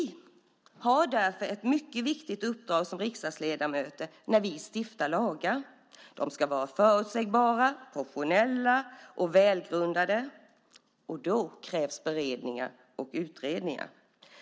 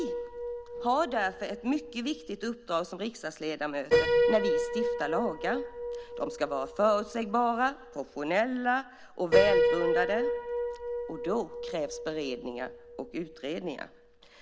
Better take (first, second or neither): first